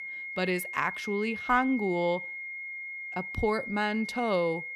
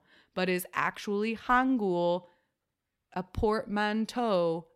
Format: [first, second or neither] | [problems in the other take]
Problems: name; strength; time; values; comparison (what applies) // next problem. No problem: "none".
second | high-pitched whine; loud; throughout; 2 kHz, 7 dB below the speech